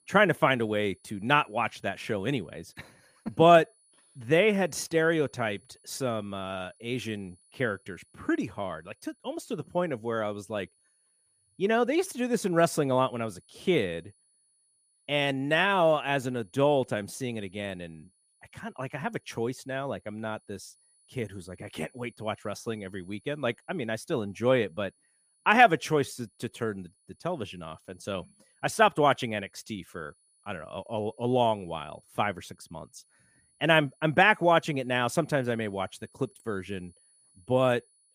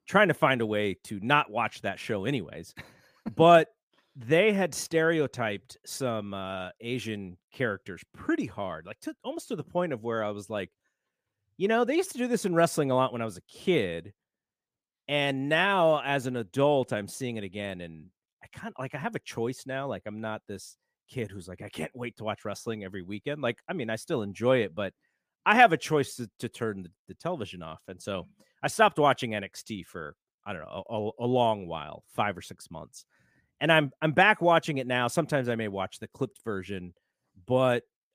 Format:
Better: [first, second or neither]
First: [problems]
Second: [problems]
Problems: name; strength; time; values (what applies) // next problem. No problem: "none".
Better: second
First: high-pitched whine; faint; throughout; 10 kHz, 35 dB below the speech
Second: none